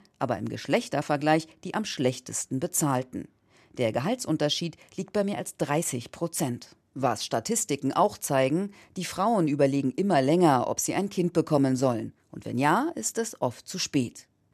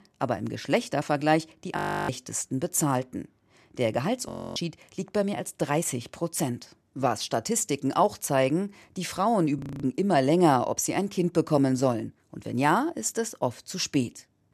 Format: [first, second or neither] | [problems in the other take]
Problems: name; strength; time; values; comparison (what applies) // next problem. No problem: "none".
first | audio freezing; at 2 s, at 4.5 s and at 9.5 s